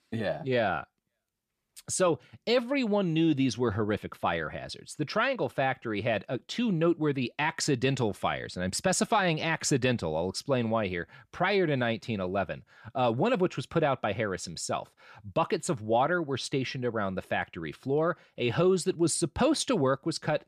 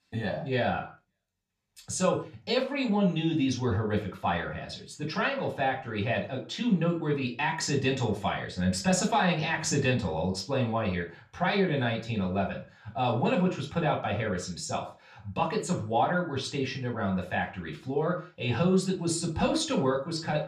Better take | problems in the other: first | room echo; slight; dies away in 0.3 s // off-mic speech; far

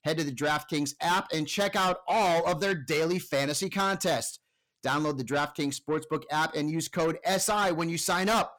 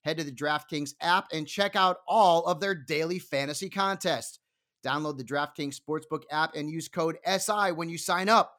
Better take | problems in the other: second | distortion; heavy; 6 dB below the speech

